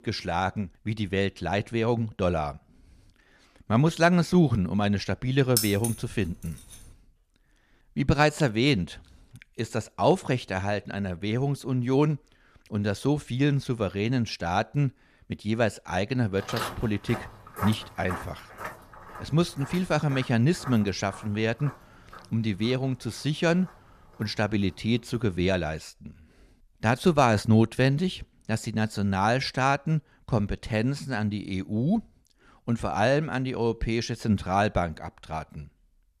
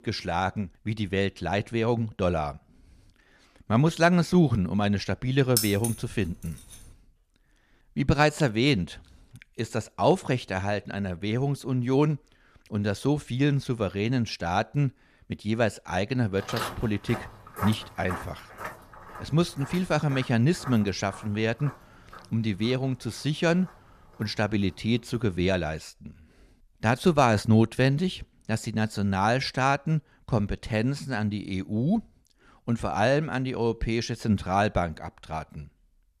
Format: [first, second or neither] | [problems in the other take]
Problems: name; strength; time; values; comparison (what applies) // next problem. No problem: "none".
neither | jangling keys; noticeable; at 5.5 s; peak level with the speech; the same in both // footsteps; noticeable; from 16 to 24 s; peak 6 dB below the speech; the same in both